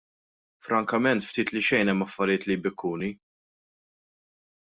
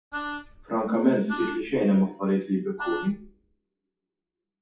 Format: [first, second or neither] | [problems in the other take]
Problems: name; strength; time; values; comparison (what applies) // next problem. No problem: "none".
first | noise reduction (classical method WPE with log-MMSE)